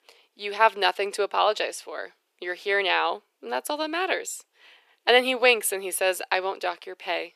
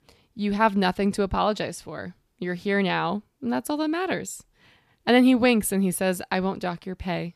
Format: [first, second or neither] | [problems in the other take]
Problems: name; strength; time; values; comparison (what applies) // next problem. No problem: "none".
second | thin; very; fading below 400 Hz